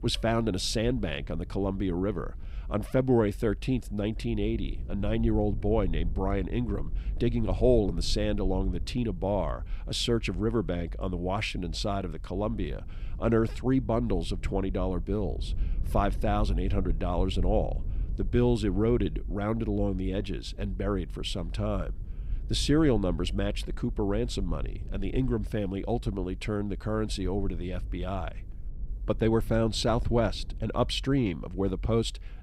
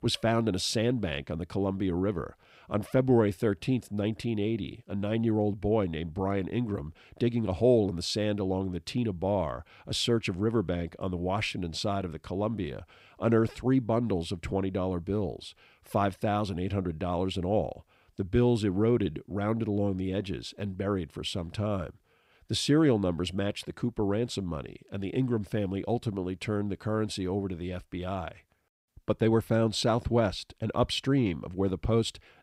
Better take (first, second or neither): second